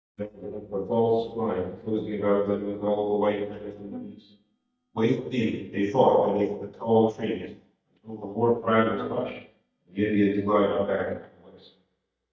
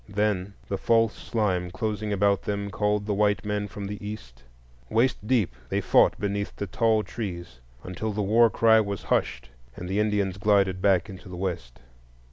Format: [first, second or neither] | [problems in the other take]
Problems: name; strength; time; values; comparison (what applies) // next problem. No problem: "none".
second | noise reduction (neural mask model DeepFilterNet 3)